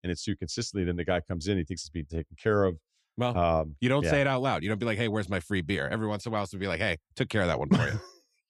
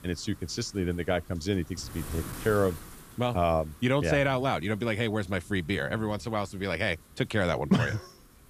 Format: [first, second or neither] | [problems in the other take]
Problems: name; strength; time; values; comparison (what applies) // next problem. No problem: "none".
first | wind noise on the microphone; occasional gusts; 20 dB below the speech